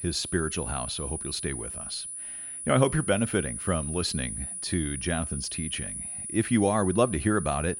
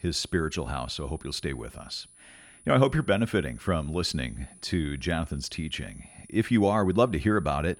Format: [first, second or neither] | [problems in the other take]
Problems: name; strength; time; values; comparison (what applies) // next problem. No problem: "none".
second | high-pitched whine; loud; throughout; 10 kHz, 5 dB below the speech; faint in the second